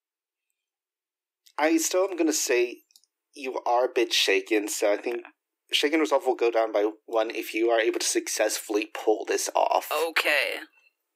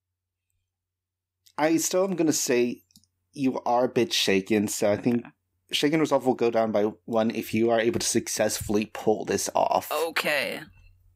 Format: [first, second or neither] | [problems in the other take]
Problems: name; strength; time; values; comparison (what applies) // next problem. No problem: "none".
second | thin; very; fading below 300 Hz